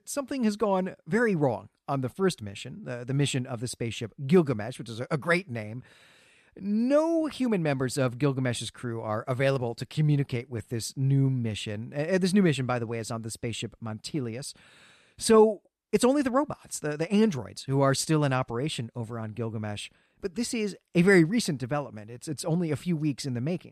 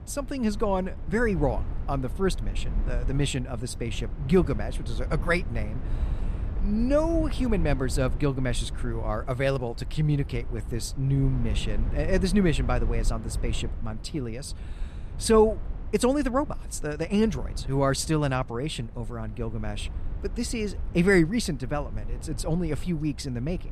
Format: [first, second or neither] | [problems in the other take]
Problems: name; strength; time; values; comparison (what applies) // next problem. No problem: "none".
first | low rumble; noticeable; throughout; 20 dB below the speech